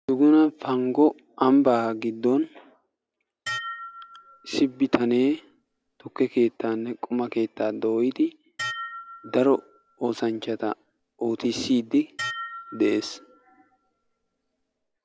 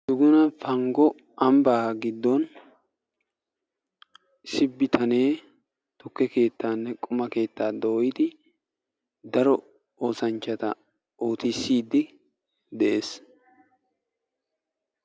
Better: second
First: background sound (Dishes, pots, and pans); 14 dB below the speech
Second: none

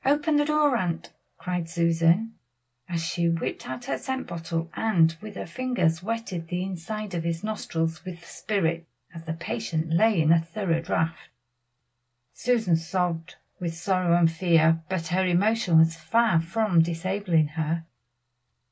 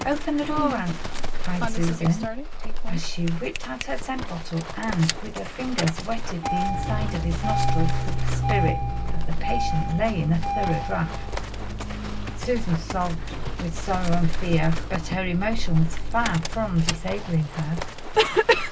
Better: first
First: none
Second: background sound (Engine starting + Livestock, farm animals, working animals); 3 dB above the speech

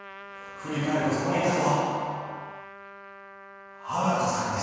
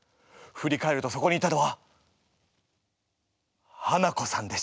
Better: second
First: background sound (Trumpet); 17 dB below the speech // room echo; dies away in 2.1 s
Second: none

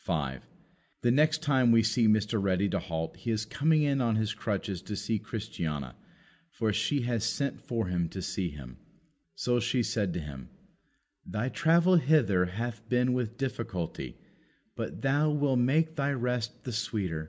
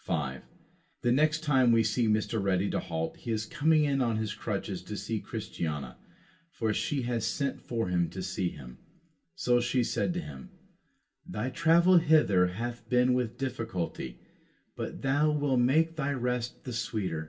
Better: first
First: none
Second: room echo; dies away in 0.2 s

